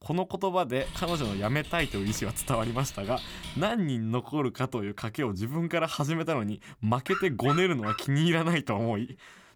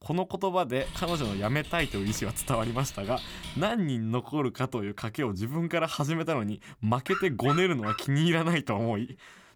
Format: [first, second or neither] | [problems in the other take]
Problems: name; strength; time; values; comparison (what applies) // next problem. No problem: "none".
neither | keyboard typing; noticeable; from 1 to 3.5 s; peak 8 dB below the speech; the same in both // dog barking; noticeable; at 7 s; peak 4 dB below the speech; the same in both